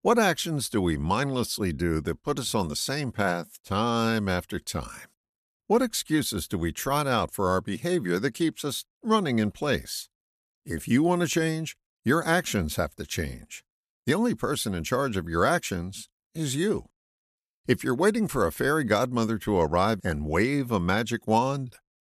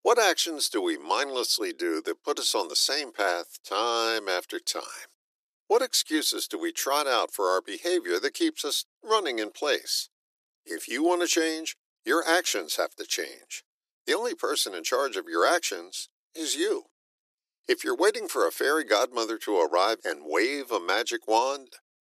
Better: first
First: none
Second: thin; very; fading below 300 Hz

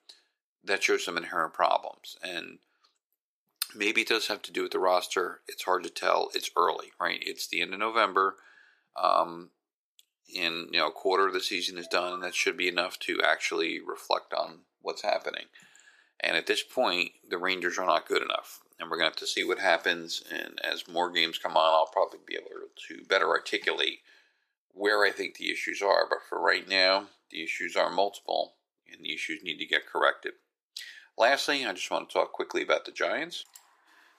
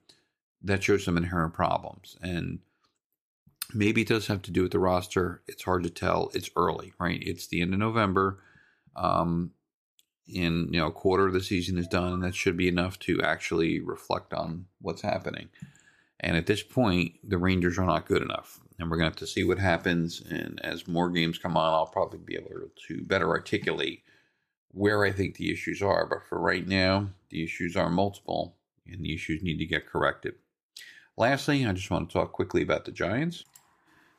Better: second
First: thin; very; fading below 450 Hz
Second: none

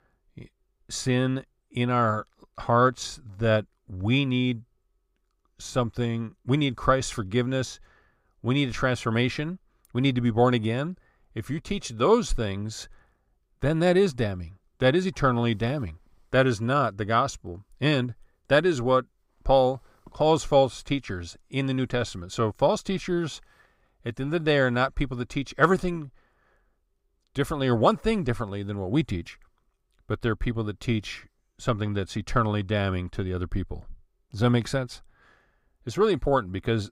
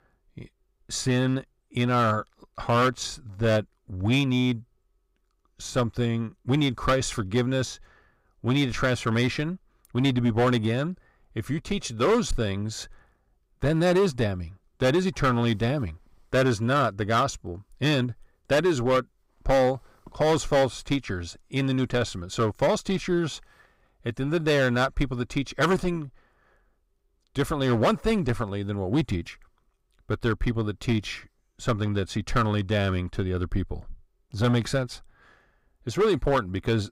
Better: first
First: none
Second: distortion; slight; 5% of the sound clipped

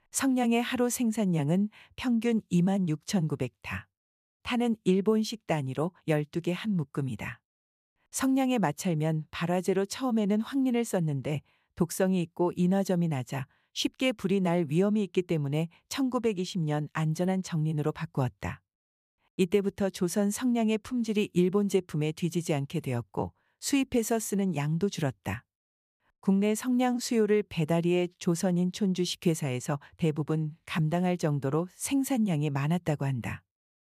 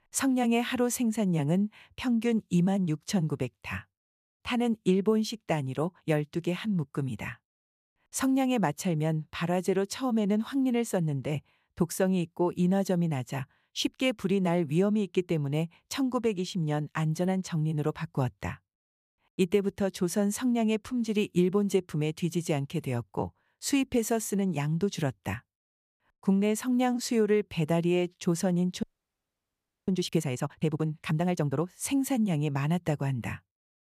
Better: first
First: none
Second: audio freezing; at 29 s for 1 s

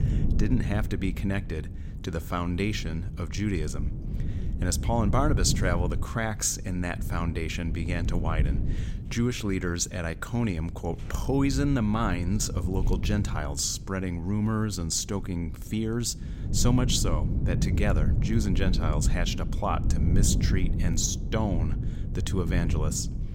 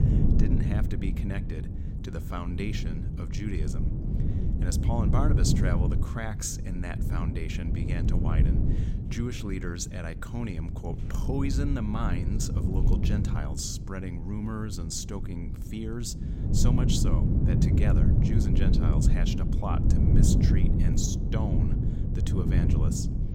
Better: first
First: wind noise on the microphone; occasional gusts; 10 dB below the speech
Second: wind noise on the microphone; heavy; 1 dB below the speech

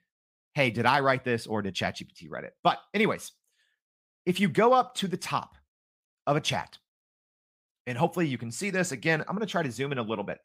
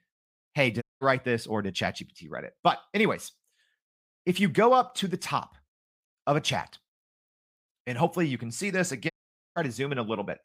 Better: first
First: none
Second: audio cutting out; at 1 s and at 9 s

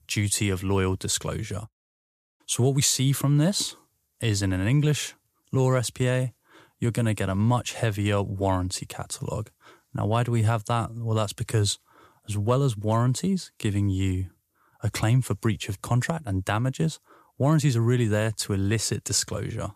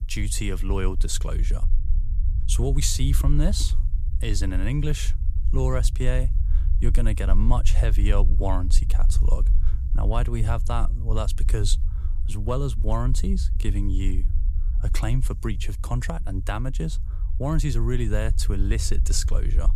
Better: first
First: none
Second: low rumble; noticeable; throughout; 15 dB below the speech

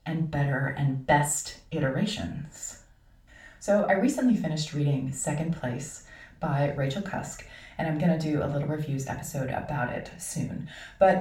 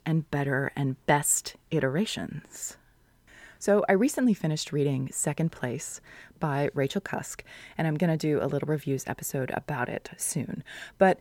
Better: second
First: room echo; slight; dies away in 0.3 s // off-mic speech; far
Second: none

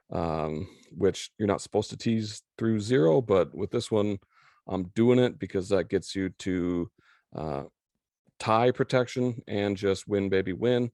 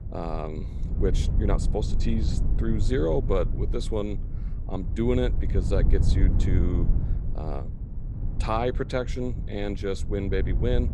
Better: first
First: none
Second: low rumble; noticeable; throughout; 10 dB below the speech

